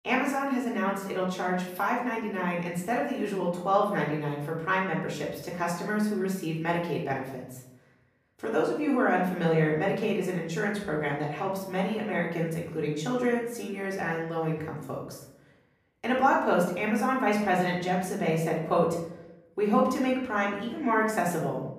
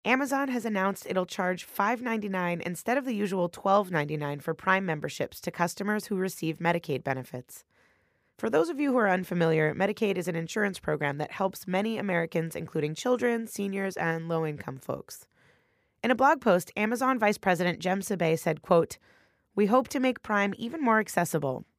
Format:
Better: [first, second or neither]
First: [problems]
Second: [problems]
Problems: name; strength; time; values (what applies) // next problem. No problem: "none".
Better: second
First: off-mic speech; far // room echo; noticeable; dies away in 0.7 s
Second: none